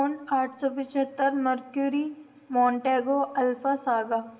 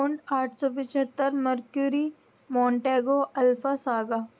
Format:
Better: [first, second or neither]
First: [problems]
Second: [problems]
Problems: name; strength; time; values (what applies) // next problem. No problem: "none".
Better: second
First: room echo; dies away in 1 s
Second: none